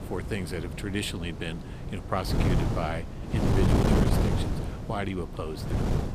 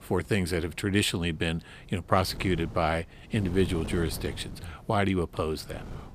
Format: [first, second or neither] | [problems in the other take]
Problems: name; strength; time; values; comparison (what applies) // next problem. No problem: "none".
second | wind noise on the microphone; heavy; 1 dB above the speech; occasional gusts in the second